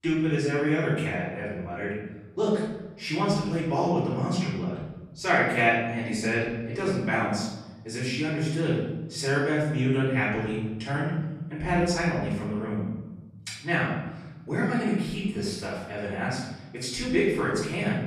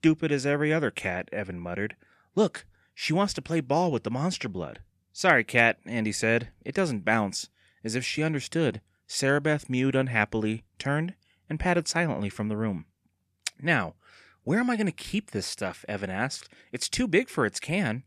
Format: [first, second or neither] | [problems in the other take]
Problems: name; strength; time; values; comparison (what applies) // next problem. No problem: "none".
second | off-mic speech; far // room echo; noticeable; dies away in 1.2 s